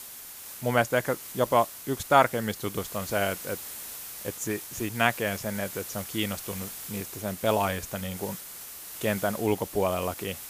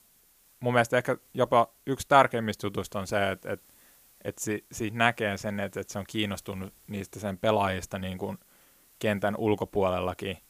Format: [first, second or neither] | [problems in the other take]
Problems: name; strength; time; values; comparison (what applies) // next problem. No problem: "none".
second | hiss; loud; throughout; 9 dB below the speech; faint in the second